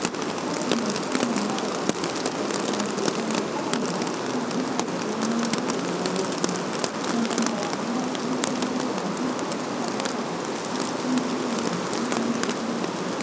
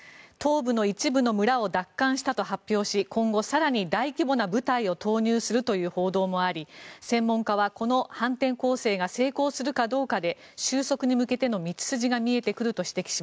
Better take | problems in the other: second | background sound (Rain); 4 dB above the speech // room echo; dies away in 0.9 s

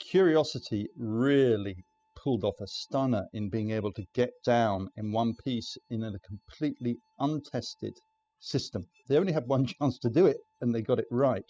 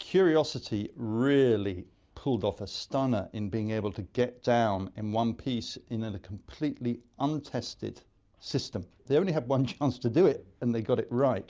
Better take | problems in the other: second | noise reduction (classical method spectral subtraction)

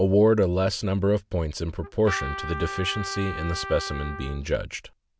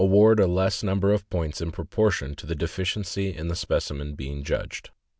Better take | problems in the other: second | background sound (Trumpet); 10 dB below the speech

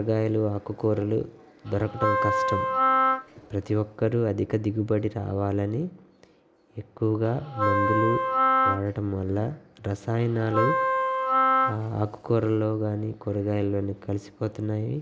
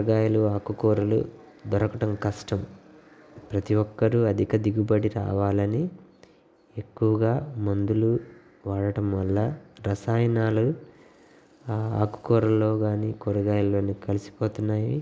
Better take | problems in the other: second | background sound (Wind instrument, woodwind instrument); 3 dB above the speech

